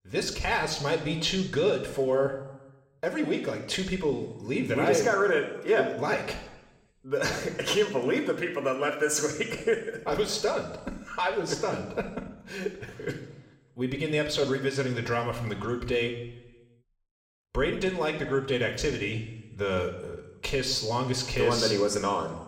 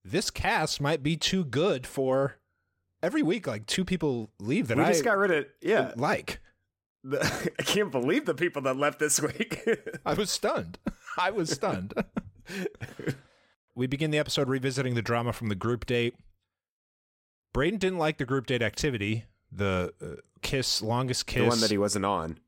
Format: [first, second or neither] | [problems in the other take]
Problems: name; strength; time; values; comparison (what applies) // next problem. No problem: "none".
second | room echo; slight; dies away in 0.9 s // off-mic speech; somewhat distant